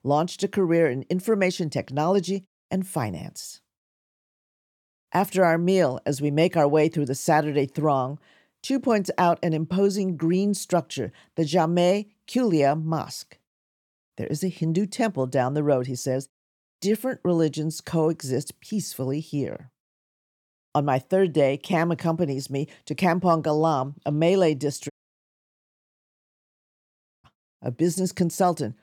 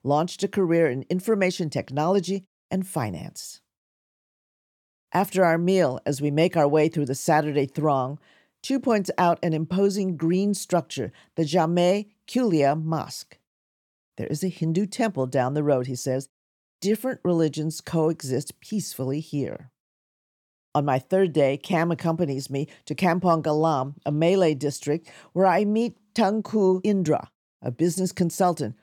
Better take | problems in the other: second | audio cutting out; at 25 s for 2.5 s

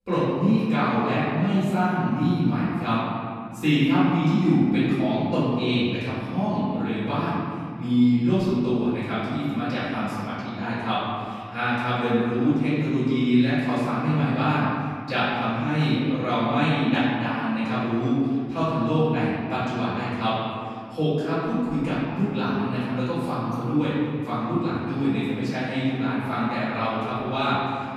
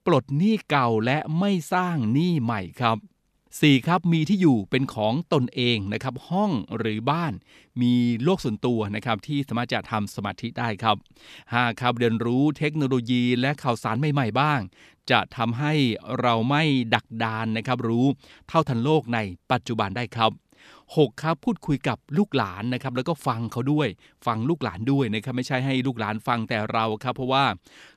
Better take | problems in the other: second | off-mic speech; far // room echo; strong; dies away in 2.1 s

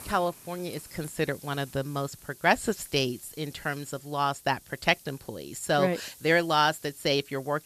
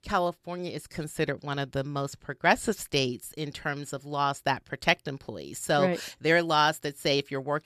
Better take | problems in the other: second | hiss; faint; throughout; 20 dB below the speech

